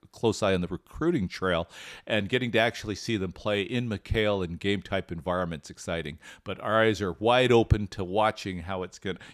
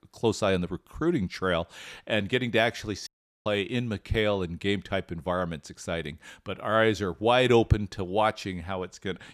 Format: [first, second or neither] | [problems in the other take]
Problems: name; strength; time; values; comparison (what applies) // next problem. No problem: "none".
first | audio cutting out; at 3 s